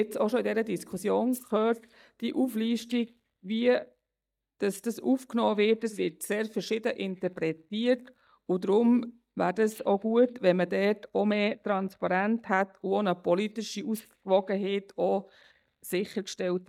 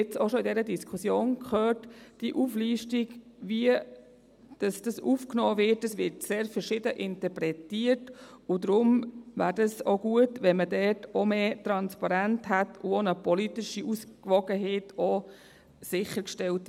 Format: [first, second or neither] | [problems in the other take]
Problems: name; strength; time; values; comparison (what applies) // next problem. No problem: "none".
second | noise reduction (neural mask model DeepFilterNet 3)